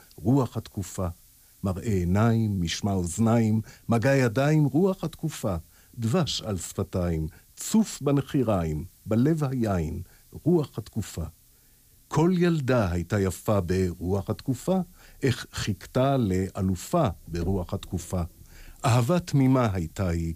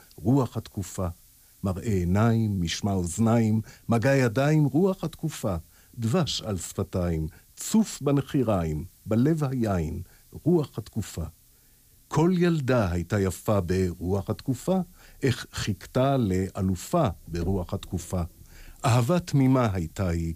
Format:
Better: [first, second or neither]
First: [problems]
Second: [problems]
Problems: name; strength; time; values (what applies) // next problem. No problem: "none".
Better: neither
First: hiss; faint; throughout; 30 dB below the speech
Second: hiss; faint; throughout; 30 dB below the speech